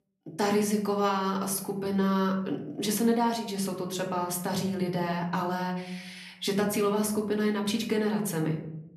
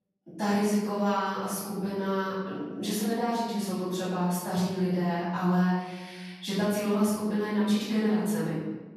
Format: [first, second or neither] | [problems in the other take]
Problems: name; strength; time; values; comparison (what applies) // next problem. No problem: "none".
first | room echo; strong; dies away in 1.2 s; slight in the first // off-mic speech; far; somewhat distant in the first